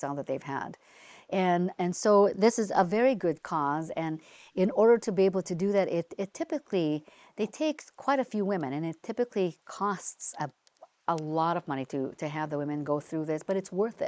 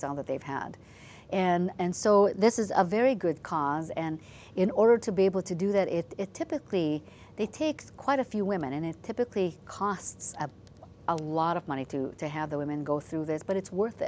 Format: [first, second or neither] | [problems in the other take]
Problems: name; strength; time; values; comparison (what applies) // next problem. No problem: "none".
second | noise reduction (neural mask model Resemble Enhance denoiser)